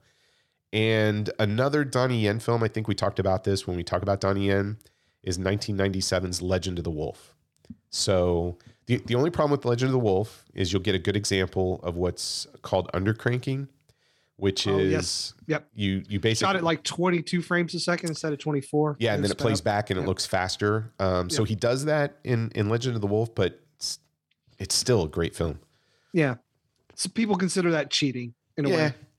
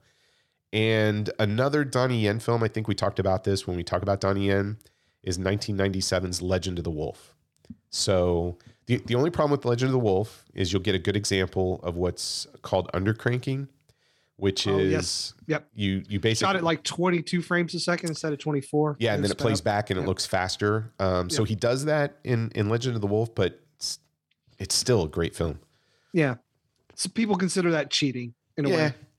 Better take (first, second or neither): neither